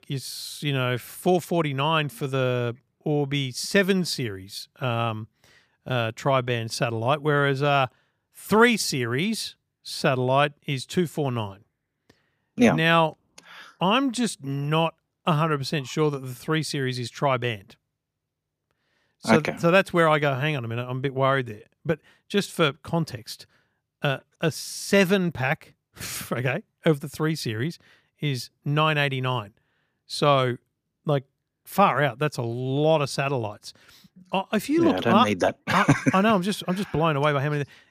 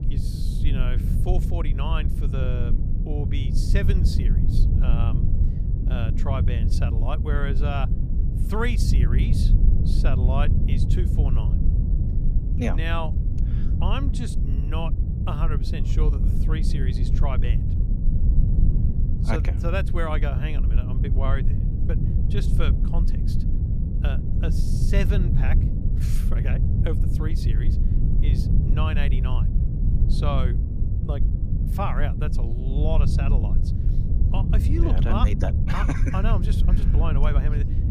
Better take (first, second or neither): first